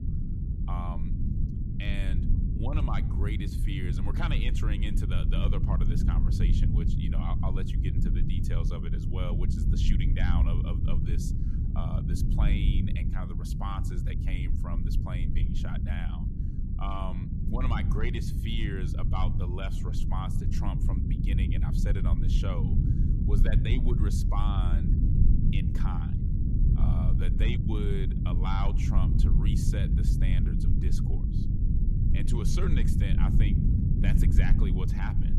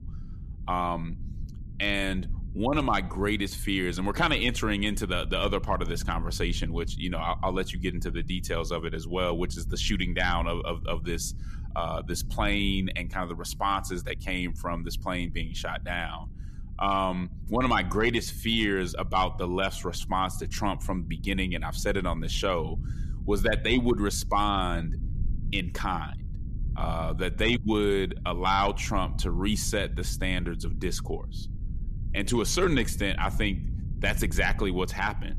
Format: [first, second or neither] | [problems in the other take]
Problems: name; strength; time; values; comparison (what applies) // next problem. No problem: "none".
second | low rumble; loud; throughout; 1 dB below the speech; faint in the second